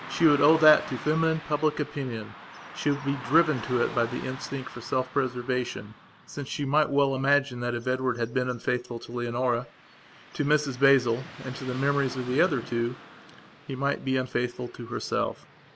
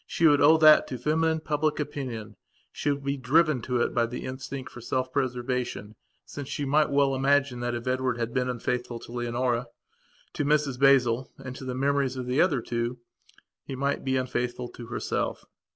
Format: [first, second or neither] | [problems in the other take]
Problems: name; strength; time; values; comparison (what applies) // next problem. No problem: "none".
second | background sound (Car passing by / Traffic noise, roadway noise); 16 dB below the speech